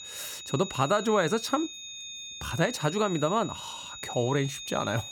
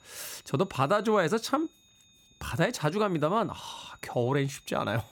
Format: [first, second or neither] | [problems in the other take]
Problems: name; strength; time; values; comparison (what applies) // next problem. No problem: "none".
second | high-pitched whine; loud; throughout; 4 kHz, 10 dB below the speech; faint in the second